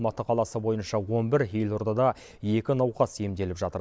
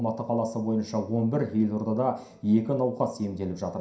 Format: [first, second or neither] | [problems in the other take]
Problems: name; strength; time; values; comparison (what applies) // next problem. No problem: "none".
first | room echo; dies away in 0.5 s